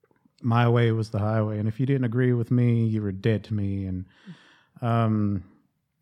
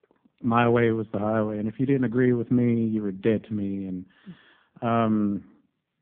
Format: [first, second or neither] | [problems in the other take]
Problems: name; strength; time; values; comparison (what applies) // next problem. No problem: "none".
first | phone-call audio; poor line; nothing above 3.5 kHz